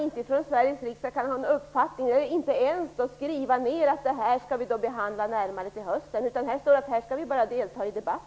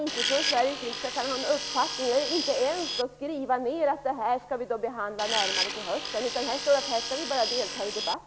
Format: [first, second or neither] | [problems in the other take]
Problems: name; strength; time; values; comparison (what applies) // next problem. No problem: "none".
first | background sound (Tools); 3 dB below the speech